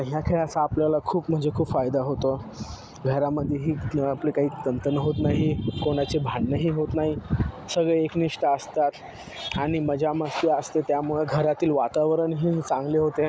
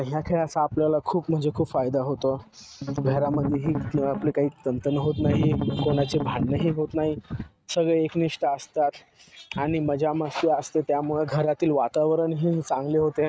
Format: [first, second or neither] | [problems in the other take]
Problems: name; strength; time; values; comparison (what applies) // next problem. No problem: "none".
first | noise reduction (neural mask model RNNoise)